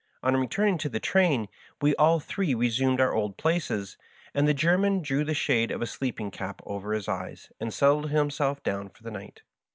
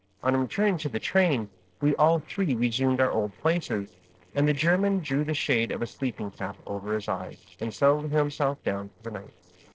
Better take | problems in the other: first | noise reduction (neural separator model SepFormer DNS4)

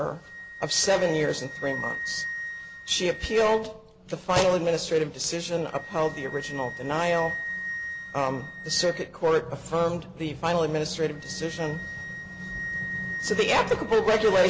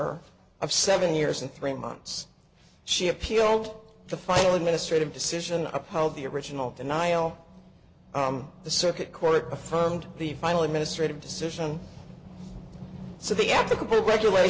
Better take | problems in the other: second | background sound (Wind instrument, woodwind instrument); 11 dB below the speech

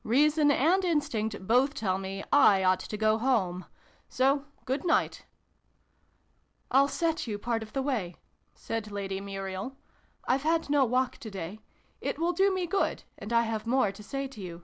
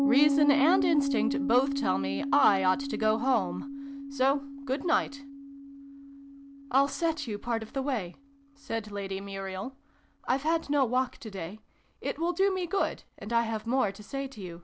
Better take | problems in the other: first | background sound (Piano); 5 dB below the speech

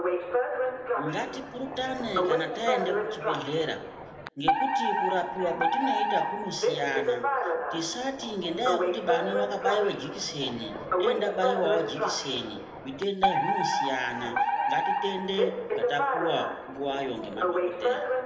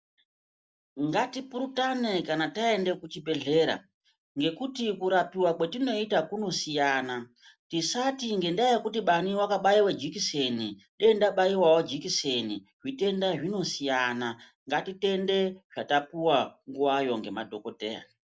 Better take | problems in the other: second | background sound (Alarm); 3 dB above the speech // room echo; dies away in 0.7 s

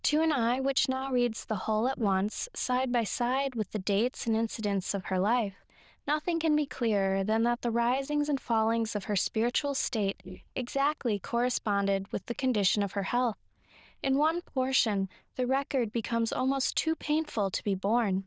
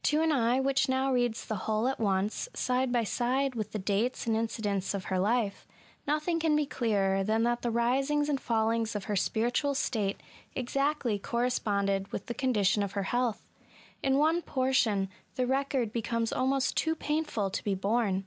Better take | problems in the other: second | noise reduction (neural diffusion model UNIVERSE++)

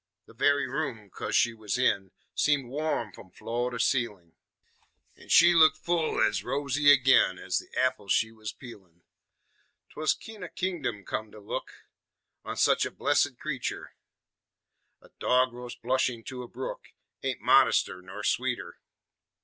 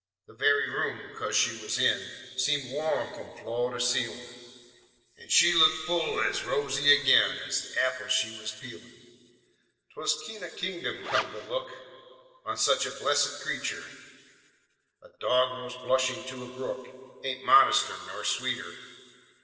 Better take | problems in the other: first | noise reduction (neural separator model SepFormer DNS4)

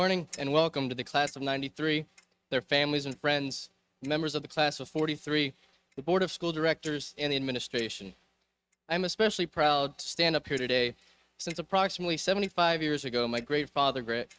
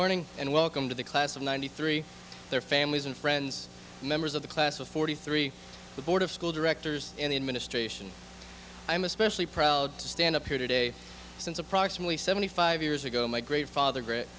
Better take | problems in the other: second | noise reduction (neural mask model RNNoise)

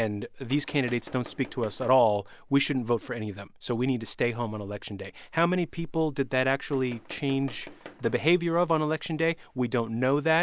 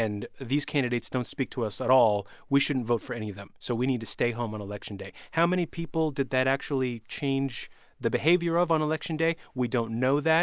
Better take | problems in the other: second | background sound (Tools); 19 dB below the speech

